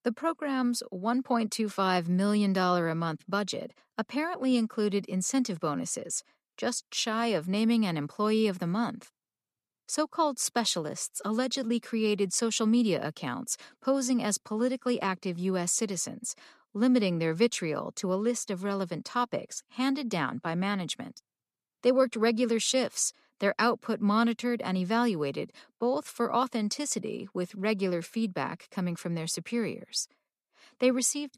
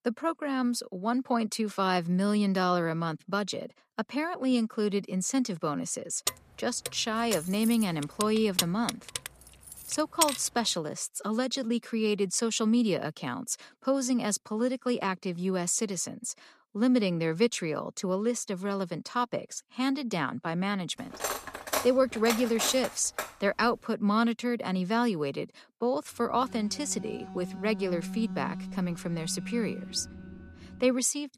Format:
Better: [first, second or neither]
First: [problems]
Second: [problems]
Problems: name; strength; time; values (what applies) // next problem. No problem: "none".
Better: first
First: none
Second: jangling keys; loud; from 6.5 to 10 s; peak 1 dB above the speech // clattering dishes; noticeable; from 21 to 23 s; peak 2 dB below the speech // alarm; noticeable; from 26 to 31 s; peak 7 dB below the speech